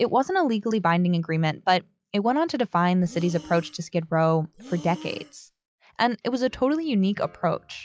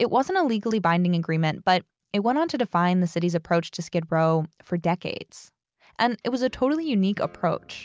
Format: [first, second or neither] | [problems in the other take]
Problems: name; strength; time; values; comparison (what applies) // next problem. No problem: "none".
second | noise reduction (classical method log-MMSE)